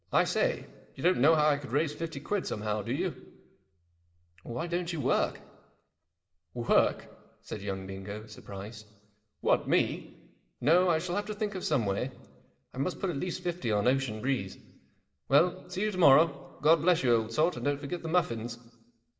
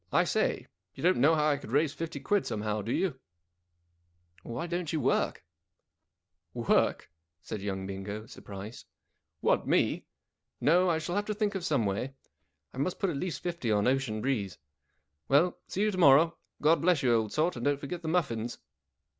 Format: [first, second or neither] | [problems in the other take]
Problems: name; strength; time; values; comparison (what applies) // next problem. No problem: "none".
second | room echo; dies away in 1 s